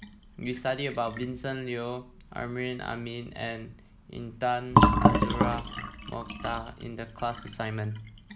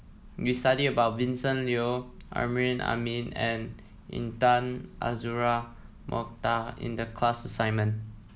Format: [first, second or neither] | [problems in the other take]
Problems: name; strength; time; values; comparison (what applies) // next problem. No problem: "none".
second | background sound (Fill (with liquid)); 4 dB above the speech